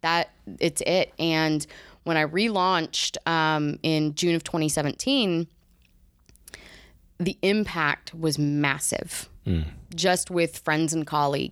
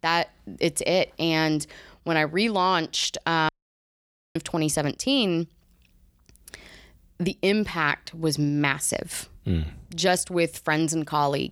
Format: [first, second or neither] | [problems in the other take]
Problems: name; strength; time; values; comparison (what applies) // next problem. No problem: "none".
first | audio cutting out; at 3.5 s for 1 s